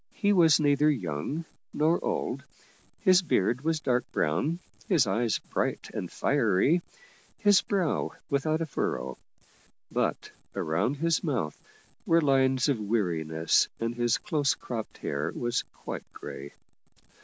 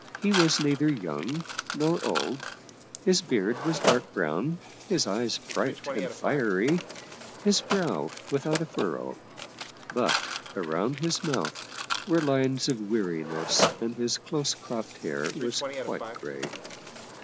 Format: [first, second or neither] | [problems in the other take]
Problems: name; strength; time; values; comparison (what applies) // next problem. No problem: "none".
first | background sound (Mechanisms); 6 dB below the speech